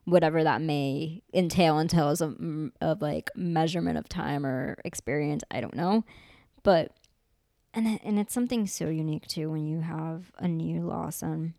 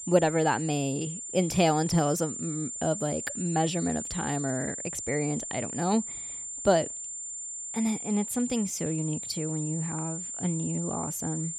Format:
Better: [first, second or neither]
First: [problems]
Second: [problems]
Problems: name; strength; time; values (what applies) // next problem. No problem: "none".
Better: first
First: none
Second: high-pitched whine; loud; throughout; 7 kHz, 5 dB below the speech